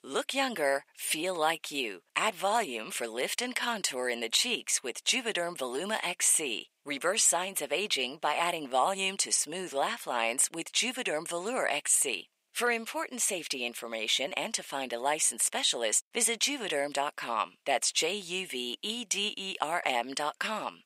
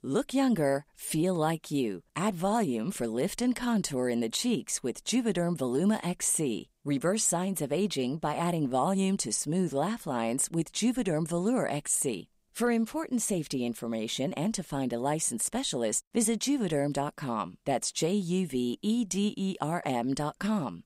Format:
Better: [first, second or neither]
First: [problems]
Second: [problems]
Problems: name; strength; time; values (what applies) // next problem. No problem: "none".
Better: second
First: thin; very; fading below 600 Hz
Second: none